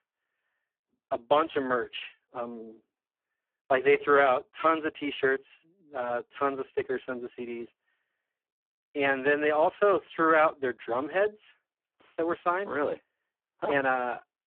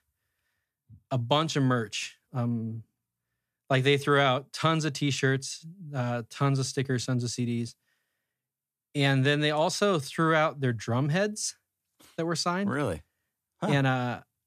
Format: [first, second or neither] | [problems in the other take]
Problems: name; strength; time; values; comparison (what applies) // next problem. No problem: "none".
second | phone-call audio; poor line